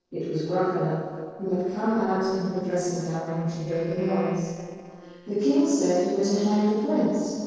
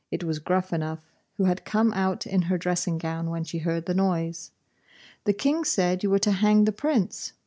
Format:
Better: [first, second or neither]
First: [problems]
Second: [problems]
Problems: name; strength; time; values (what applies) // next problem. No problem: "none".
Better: second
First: noise reduction (neural separator model SepFormer DNS4)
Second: none